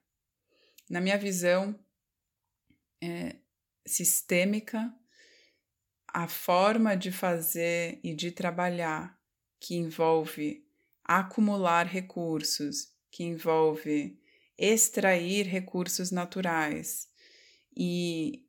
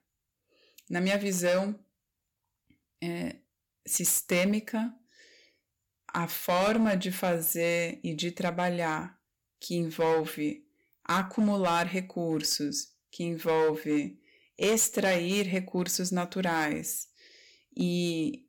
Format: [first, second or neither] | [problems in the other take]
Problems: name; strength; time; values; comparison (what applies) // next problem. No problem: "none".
first | distortion; slight; 5% of the sound clipped